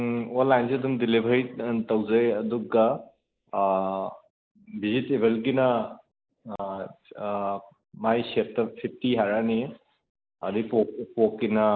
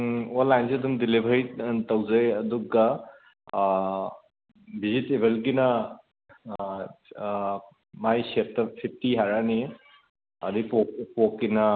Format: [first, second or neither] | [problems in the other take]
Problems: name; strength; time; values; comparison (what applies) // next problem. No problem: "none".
second | noise reduction (neural mask model Resemble Enhance denoiser)